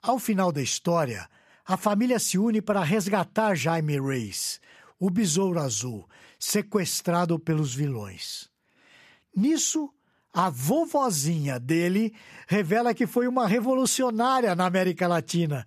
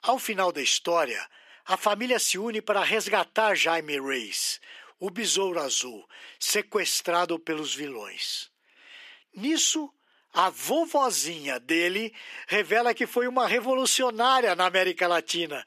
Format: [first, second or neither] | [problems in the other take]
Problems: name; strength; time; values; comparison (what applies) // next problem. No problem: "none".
first | thin; somewhat; fading below 300 Hz